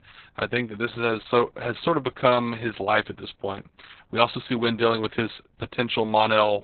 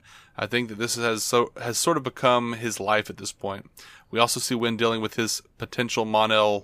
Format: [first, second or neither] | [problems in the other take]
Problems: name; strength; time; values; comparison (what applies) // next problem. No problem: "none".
second | garbled, watery; badly; nothing above 4 kHz